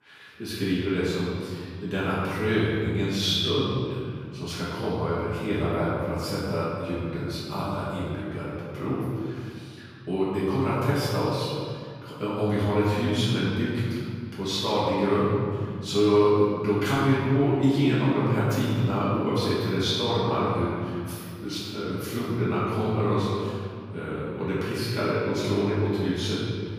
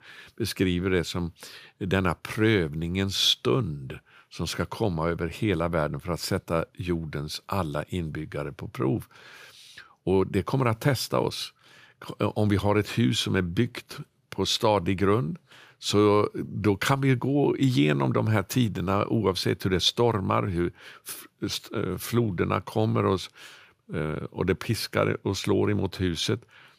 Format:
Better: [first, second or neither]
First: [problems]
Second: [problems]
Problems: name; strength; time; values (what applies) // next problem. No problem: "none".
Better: second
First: room echo; strong; dies away in 2 s // off-mic speech; far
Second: none